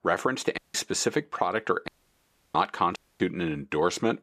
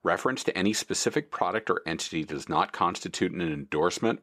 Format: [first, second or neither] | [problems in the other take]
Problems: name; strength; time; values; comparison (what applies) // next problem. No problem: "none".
second | audio cutting out; at 0.5 s, at 2 s for 0.5 s and at 3 s